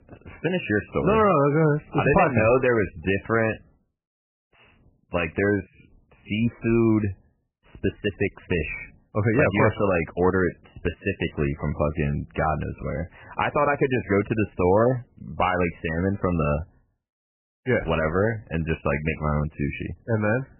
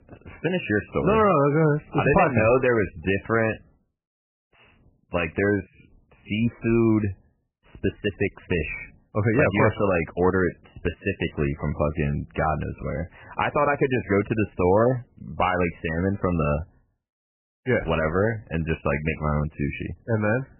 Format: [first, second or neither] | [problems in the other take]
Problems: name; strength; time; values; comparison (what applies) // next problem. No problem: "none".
neither | garbled, watery; badly; nothing above 3 kHz; the same in both